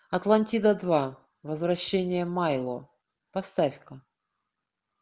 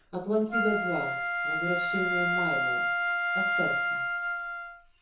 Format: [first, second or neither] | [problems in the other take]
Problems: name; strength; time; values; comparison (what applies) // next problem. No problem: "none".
first | background sound (Wind instrument, woodwind instrument); 5 dB above the speech // room echo; dies away in 0.6 s